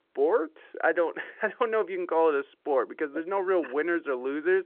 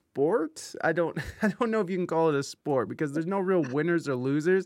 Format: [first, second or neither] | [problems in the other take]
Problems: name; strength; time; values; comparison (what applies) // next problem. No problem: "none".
second | phone-call audio